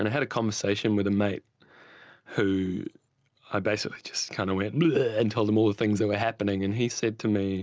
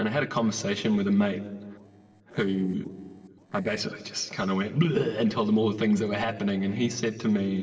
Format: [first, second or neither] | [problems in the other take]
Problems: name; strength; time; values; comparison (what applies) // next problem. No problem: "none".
first | noise reduction (neural separator model SepFormer DNS4)